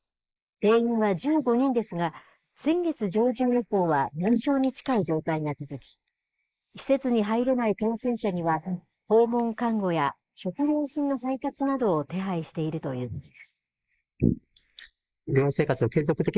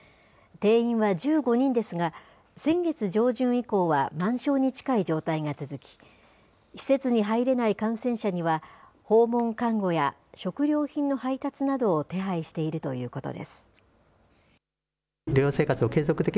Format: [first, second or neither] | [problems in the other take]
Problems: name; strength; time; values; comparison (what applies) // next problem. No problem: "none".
second | noise reduction (neural mask model Resemble Enhance denoiser)